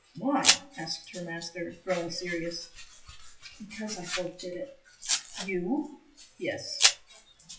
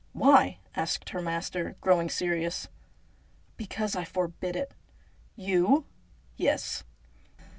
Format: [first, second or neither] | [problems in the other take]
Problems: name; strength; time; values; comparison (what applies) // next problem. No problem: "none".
second | noise reduction (classical method WPE with log-MMSE)